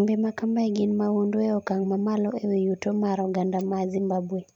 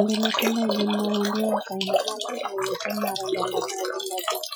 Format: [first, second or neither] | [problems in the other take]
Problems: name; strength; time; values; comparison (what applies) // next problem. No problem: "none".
first | noise reduction (classical method Wiener filter)